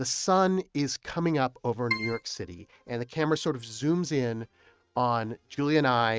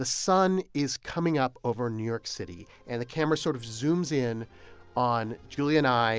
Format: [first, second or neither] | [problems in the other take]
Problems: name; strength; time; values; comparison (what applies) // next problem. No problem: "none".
second | noise reduction (neural mask model RNNoise)